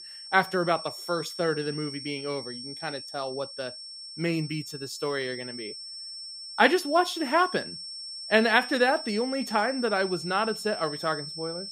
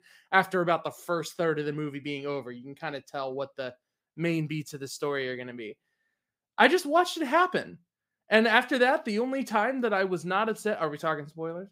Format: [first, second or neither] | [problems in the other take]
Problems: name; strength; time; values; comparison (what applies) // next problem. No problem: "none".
second | high-pitched whine; loud; throughout; 5.5 kHz, 10 dB below the speech